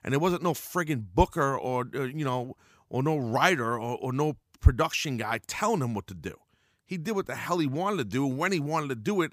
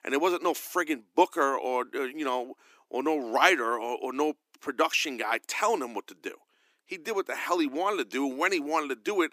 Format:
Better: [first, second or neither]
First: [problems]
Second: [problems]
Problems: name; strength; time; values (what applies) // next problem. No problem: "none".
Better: first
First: none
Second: thin; somewhat; fading below 300 Hz